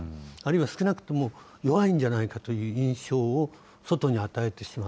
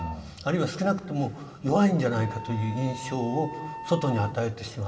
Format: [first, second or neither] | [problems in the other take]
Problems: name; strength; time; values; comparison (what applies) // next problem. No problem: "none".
first | background sound (Wind instrument, woodwind instrument); 14 dB below the speech // room echo; dies away in 1.7 s